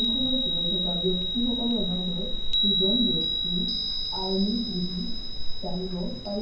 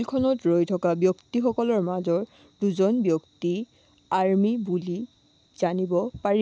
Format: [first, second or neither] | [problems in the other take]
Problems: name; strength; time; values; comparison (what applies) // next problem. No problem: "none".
second | background sound (Chime); 3 dB above the speech // room echo; dies away in 0.9 s